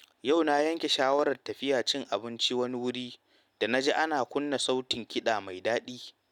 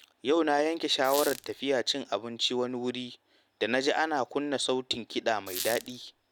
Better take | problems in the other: first | background sound (Squeak); 9 dB below the speech

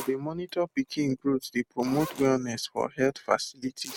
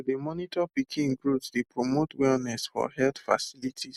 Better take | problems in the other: second | background sound (Zipper (clothing)); 19 dB below the speech

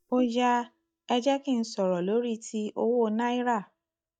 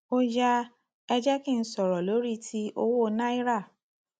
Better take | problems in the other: second | noise reduction (neural mask model DeepFilterNet 3)

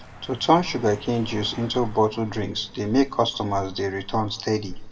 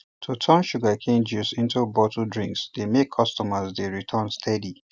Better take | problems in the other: second | background sound (Car passing by); 14 dB below the speech // room echo; dies away in 1.4 s

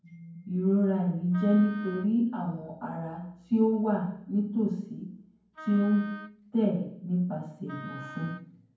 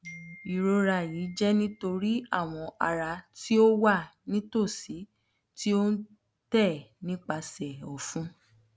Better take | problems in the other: second | background sound (Wind instrument, woodwind instrument); 17 dB below the speech // room echo; dies away in 0.9 s

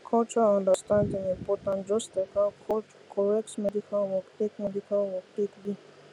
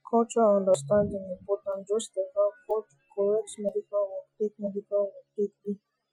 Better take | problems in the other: first | noise reduction (classical method Wiener filter)

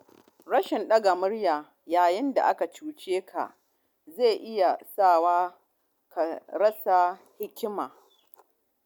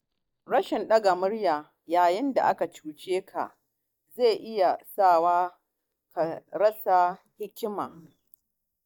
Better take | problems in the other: first | noise reduction (neural mask model DeepFilterNet 3)

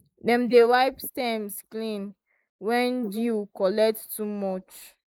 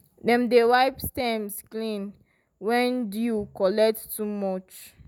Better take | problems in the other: second | noise reduction (neural mask model Resemble Enhance denoiser)

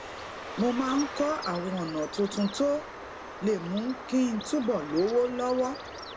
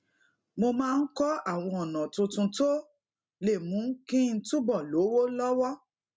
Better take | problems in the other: second | background sound (Bird); 11 dB below the speech

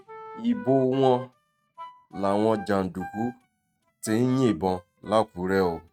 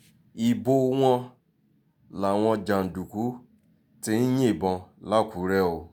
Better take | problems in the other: second | noise reduction (neural mask model RNNoise)

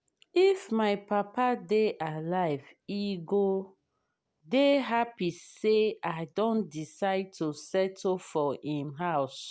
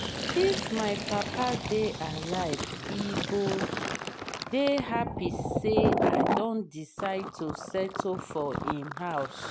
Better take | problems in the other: first | background sound (Fill (with liquid)); as loud as the speech

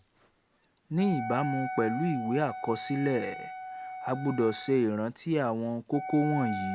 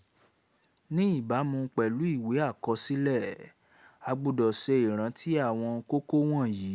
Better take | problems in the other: second | background sound (Wind instrument, woodwind instrument); 9 dB below the speech

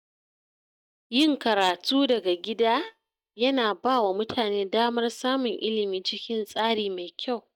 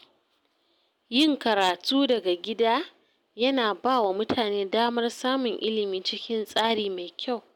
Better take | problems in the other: second | noise reduction (neural mask model DeepFilterNet 3)

